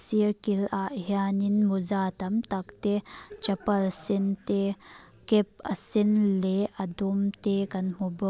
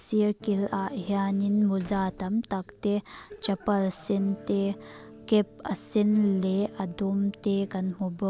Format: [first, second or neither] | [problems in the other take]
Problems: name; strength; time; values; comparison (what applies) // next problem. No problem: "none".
first | background sound (Squeak / Slam / Wood + Electric guitar / Strum); 19 dB below the speech